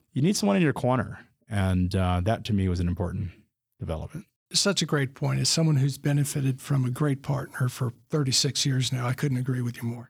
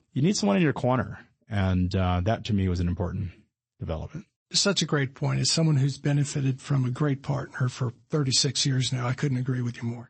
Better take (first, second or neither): first